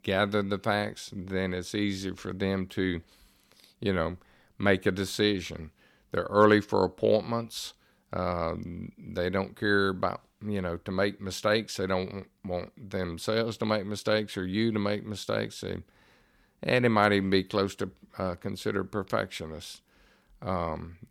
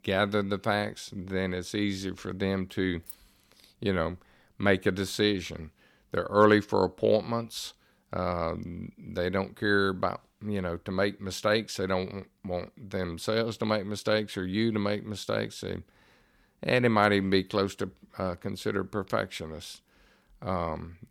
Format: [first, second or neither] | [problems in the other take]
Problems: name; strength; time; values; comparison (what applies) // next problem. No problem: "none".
first | jangling keys; faint; at 3 s; peak 15 dB below the speech